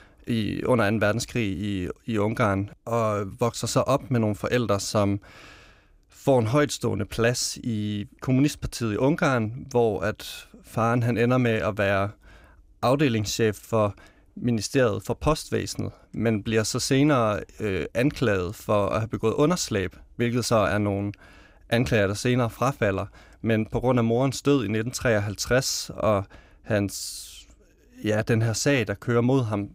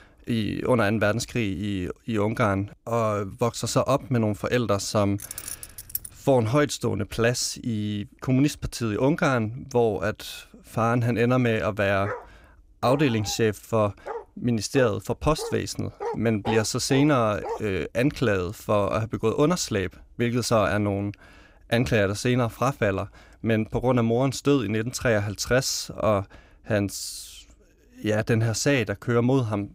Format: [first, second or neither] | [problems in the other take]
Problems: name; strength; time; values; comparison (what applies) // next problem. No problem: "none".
first | jangling keys; noticeable; at 5 s; peak 8 dB below the speech // dog barking; noticeable; from 12 to 18 s; peak 8 dB below the speech